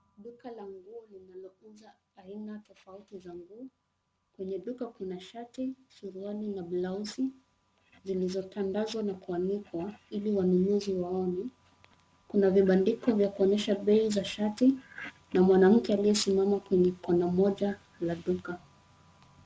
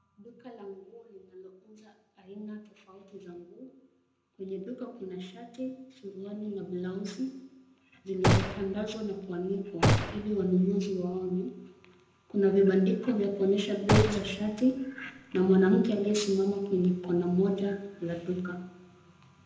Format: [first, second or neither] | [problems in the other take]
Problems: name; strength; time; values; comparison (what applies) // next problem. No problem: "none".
first | background sound (Gunshot, gunfire); 1 dB above the speech // room echo; dies away in 0.8 s